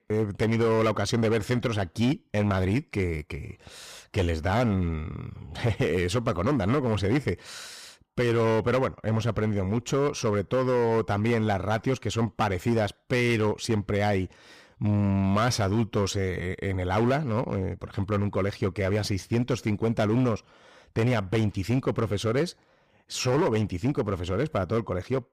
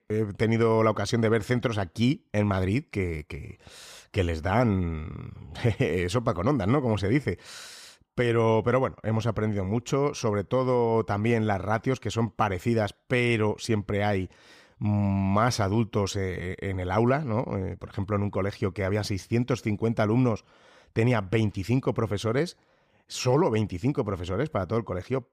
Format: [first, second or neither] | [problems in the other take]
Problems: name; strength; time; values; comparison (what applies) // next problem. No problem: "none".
second | distortion; slight; 8% of the sound clipped